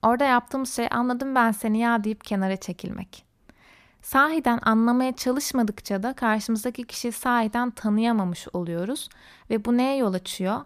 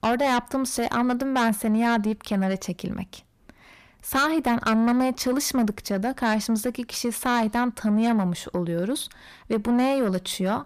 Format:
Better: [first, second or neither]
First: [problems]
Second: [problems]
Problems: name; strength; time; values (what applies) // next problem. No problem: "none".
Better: first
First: none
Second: distortion; slight; 10 dB below the speech